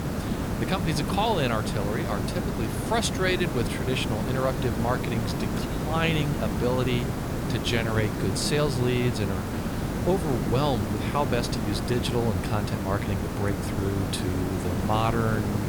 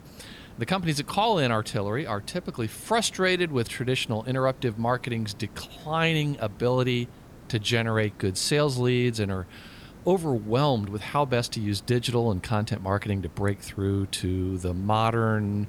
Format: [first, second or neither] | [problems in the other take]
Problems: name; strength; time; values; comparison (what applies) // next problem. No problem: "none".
second | hiss; loud; throughout; 1 dB below the speech; faint in the second